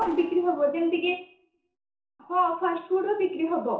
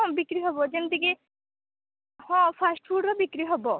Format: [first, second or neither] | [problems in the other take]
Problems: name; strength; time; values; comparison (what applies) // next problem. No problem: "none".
second | noise reduction (neural separator model SepFormer DNS4)